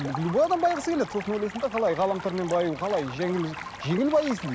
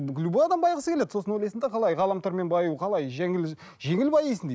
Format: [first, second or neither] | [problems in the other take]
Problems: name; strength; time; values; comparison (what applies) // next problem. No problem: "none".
second | background sound (Stream); 12 dB below the speech